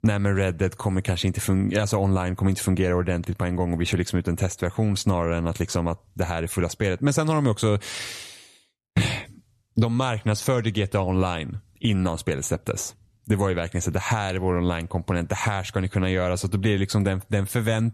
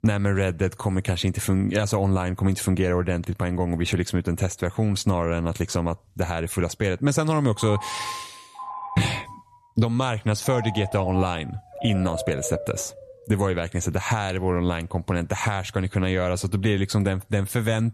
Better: first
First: none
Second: phone ringing; noticeable; from 7.5 to 13 s; peak 8 dB below the speech

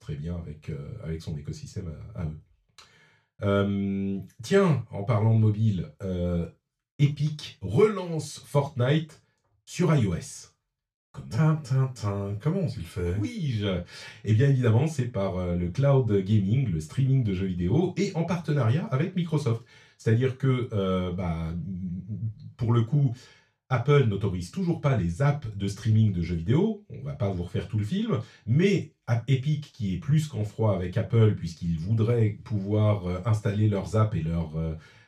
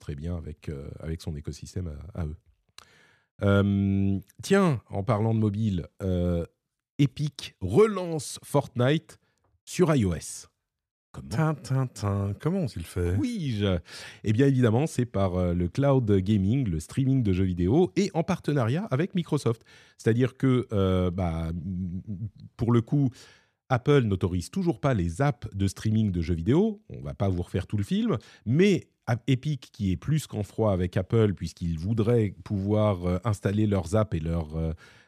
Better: second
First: room echo; slight; dies away in 0.2 s // off-mic speech; far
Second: none

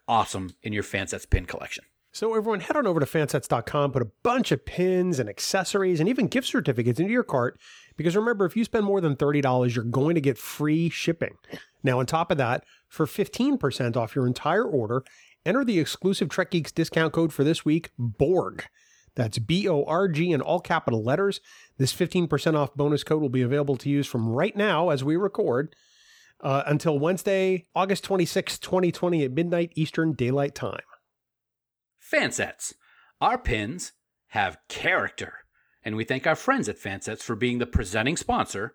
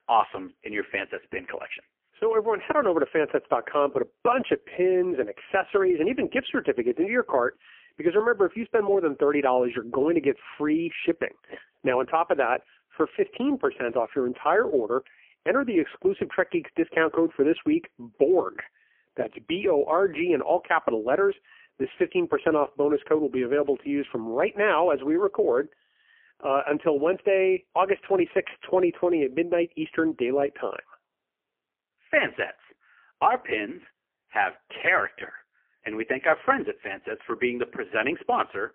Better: first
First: none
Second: phone-call audio; poor line; nothing above 3 kHz

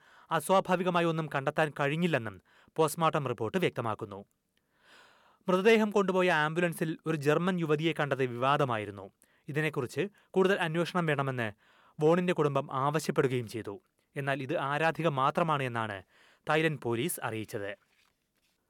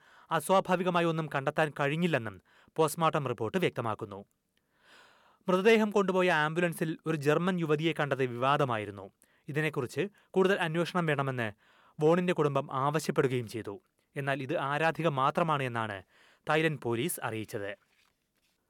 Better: neither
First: none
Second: none

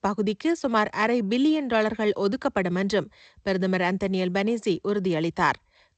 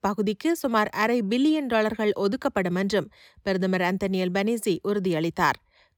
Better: second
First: garbled, watery; slightly; nothing above 8 kHz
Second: none

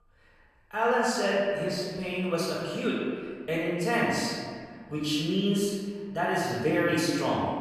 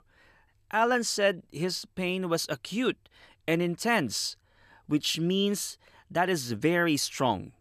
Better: second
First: off-mic speech; far // room echo; strong; dies away in 1.7 s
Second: none

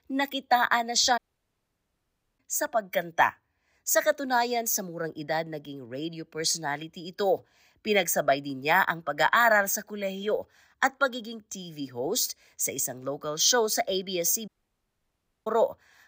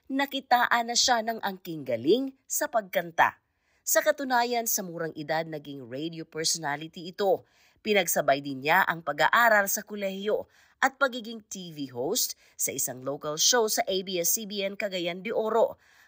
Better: second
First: audio cutting out; at 1 s for 1 s and at 14 s for 1 s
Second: none

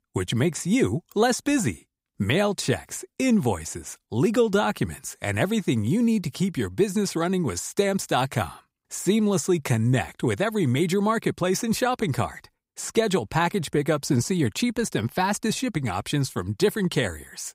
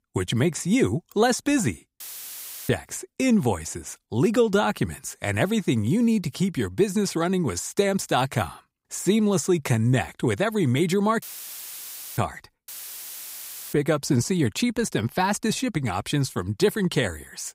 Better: first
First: none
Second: audio cutting out; filled with static; at 2 s for 0.5 s, at 11 s for 1 s and at 13 s for 1 s

